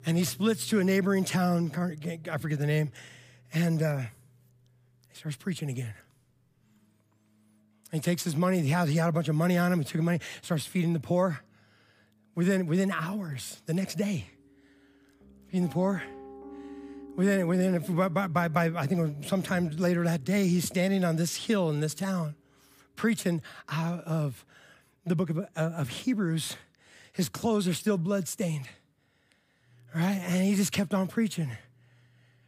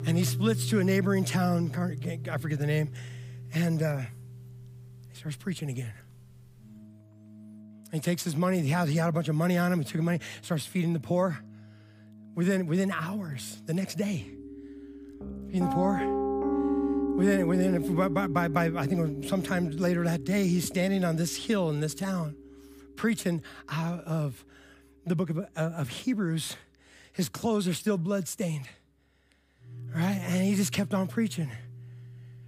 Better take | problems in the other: first | background music; loud; throughout; 6 dB below the speech; faint in the first

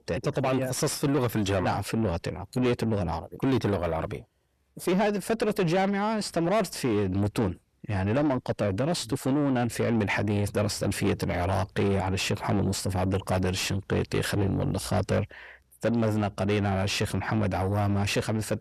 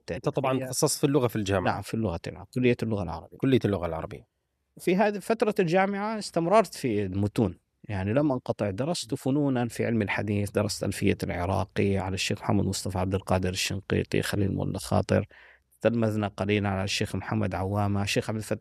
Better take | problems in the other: second | distortion; heavy; 8 dB below the speech

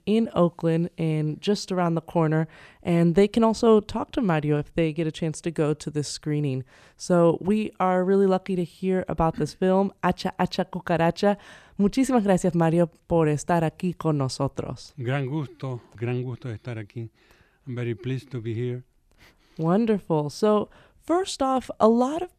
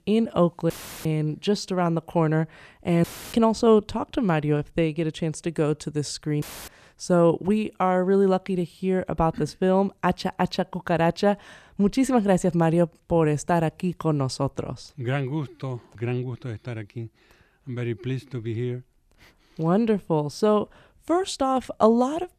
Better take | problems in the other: first | audio cutting out; filled with static; at 0.5 s, at 3 s and at 6.5 s

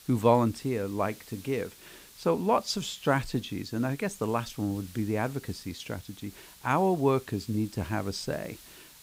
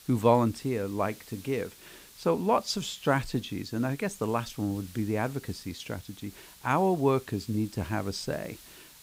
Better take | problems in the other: neither | hiss; faint; throughout; 20 dB below the speech; the same in both

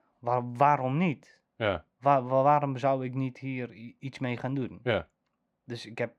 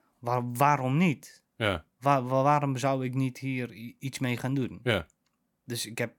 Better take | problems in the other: second | muffled; slightly; fading above 3.5 kHz

